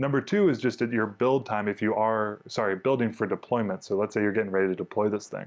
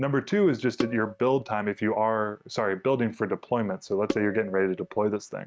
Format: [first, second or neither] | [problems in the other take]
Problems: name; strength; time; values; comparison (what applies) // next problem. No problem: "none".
first | noise reduction (neural mask model RNNoise)